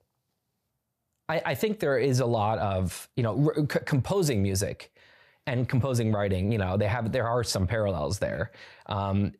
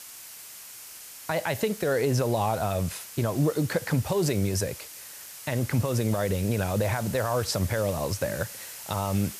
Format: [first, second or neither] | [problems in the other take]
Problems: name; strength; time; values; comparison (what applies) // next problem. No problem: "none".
first | hiss; noticeable; throughout; 10 dB below the speech